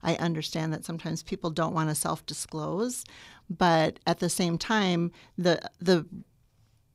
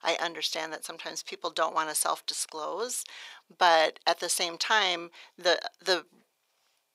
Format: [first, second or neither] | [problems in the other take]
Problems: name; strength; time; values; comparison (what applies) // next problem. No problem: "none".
first | thin; very; fading below 550 Hz